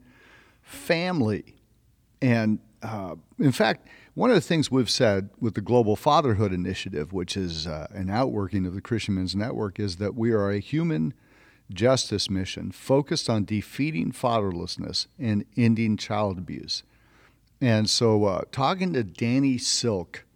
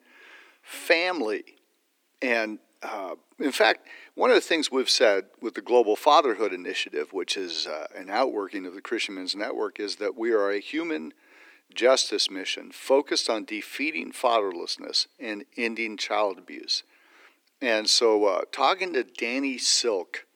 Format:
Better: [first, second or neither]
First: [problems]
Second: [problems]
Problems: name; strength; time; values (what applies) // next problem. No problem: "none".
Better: first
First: none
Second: thin; somewhat; fading below 300 Hz